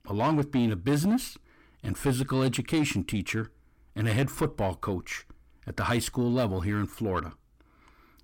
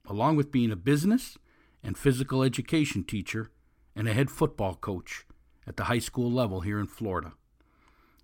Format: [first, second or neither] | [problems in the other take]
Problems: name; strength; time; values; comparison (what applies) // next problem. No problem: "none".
second | distortion; slight; 10 dB below the speech